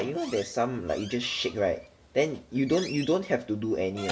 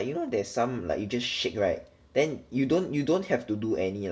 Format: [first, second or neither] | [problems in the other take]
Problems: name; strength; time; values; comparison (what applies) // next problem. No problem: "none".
second | background sound (Squeak / Slam); 15 dB below the speech